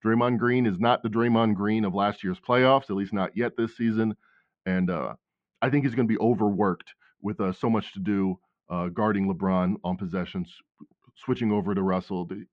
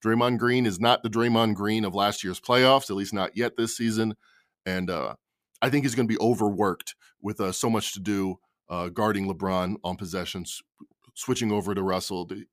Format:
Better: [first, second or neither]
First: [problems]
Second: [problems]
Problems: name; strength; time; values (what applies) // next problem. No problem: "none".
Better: second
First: muffled; very; fading above 2.5 kHz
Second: none